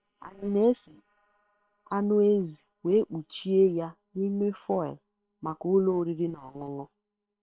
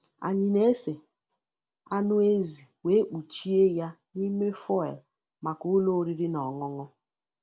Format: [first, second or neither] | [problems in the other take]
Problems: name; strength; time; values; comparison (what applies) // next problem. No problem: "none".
second | noise reduction (neural separator model SepFormer WHAM!)